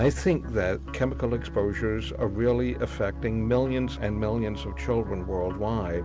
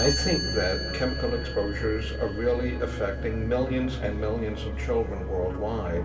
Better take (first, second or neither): first